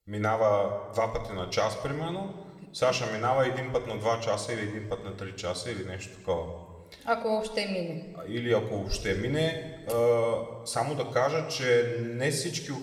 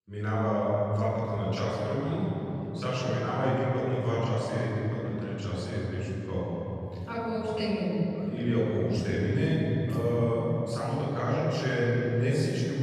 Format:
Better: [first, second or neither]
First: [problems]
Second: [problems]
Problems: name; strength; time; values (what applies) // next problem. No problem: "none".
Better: first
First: room echo; slight; dies away in 1.3 s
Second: room echo; strong; dies away in 3 s // off-mic speech; far